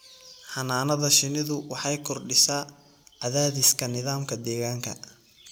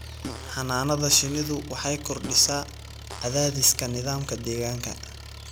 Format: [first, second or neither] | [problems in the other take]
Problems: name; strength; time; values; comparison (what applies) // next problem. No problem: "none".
first | background sound (Engine + Fart); 12 dB below the speech